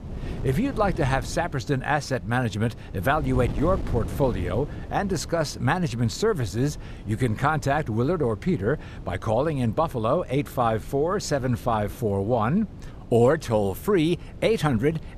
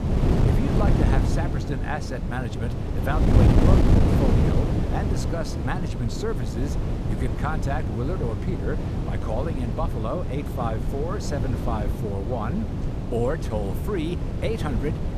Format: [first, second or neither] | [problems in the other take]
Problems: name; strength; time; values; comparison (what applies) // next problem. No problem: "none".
first | wind noise on the microphone; heavy; 1 dB below the speech; occasional gusts in the first